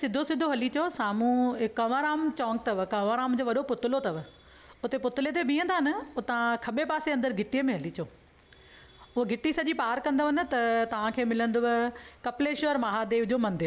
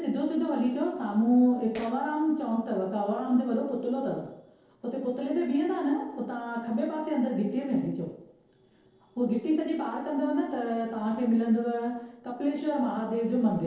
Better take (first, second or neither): first